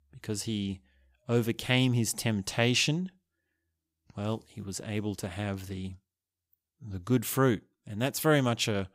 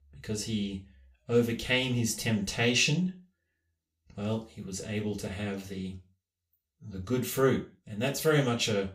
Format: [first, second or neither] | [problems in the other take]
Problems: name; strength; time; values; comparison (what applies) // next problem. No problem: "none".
first | room echo; very slight; dies away in 0.3 s // off-mic speech; far